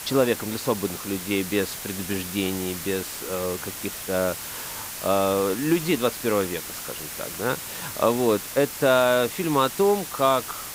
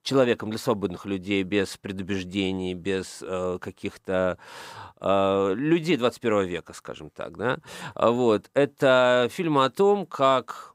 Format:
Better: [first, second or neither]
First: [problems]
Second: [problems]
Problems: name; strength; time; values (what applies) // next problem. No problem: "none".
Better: second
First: hiss; loud; throughout; 8 dB below the speech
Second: none